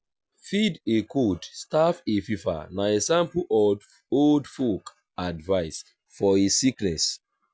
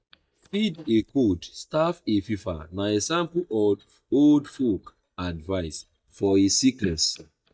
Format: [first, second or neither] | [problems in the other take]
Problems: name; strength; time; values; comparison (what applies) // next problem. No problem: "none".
first | noise reduction (neural mask model DeepFilterNet 3)